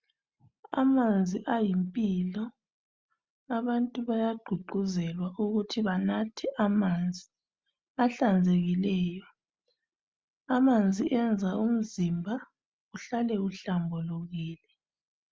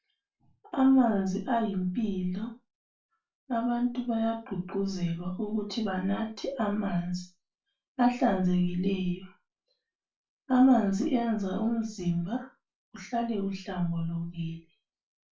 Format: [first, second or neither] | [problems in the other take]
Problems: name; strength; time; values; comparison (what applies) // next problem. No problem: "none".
first | room echo; dies away in 0.2 s